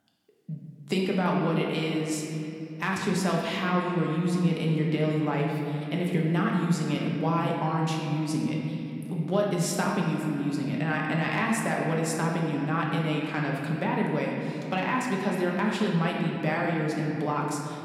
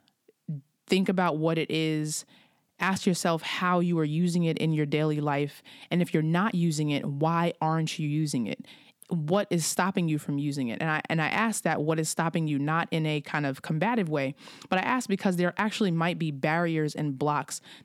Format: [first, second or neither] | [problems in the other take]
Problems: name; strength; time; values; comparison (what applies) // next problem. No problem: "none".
second | room echo; noticeable; dies away in 2.8 s // off-mic speech; somewhat distant